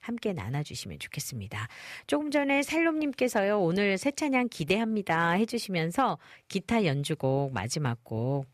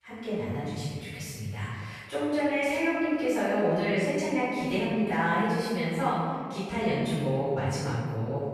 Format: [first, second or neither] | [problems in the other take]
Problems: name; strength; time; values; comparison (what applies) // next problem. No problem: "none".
first | room echo; strong; dies away in 1.7 s // off-mic speech; far